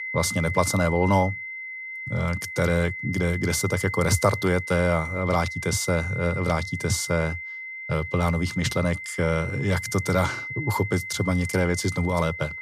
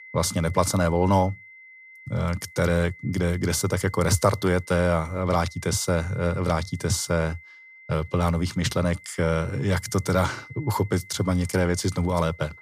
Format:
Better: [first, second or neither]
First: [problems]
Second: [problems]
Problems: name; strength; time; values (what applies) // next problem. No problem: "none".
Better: second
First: high-pitched whine; loud; throughout; 2 kHz, 7 dB below the speech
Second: high-pitched whine; faint; throughout; 2 kHz, 20 dB below the speech